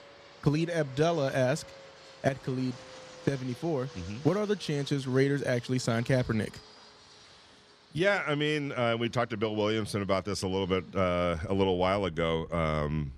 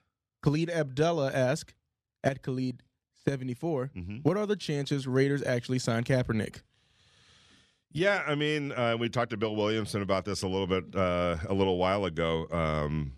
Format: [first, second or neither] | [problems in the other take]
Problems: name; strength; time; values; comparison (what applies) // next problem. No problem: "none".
second | train or aircraft noise; faint; throughout; 20 dB below the speech